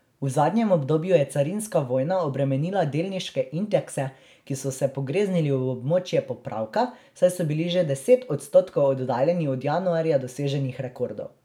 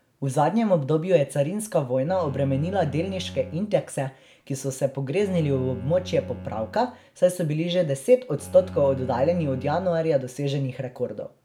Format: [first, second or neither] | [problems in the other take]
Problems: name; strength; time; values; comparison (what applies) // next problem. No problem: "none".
first | background sound (Bowed string instrument); 15 dB below the speech